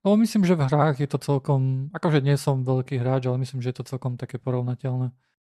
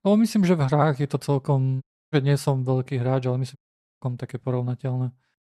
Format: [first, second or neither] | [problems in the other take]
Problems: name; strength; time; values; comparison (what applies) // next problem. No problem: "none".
first | audio cutting out; at 2 s and at 3.5 s